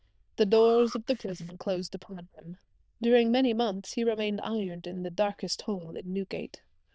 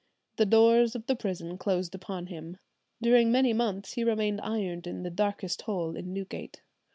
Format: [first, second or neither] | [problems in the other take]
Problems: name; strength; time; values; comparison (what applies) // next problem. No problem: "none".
second | noise reduction (neural diffusion model UNIVERSE++)